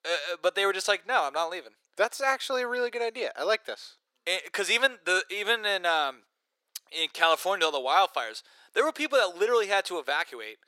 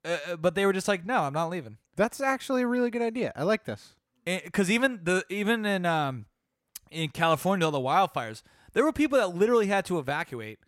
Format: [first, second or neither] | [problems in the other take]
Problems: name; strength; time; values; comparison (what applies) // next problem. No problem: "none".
second | thin; very; fading below 400 Hz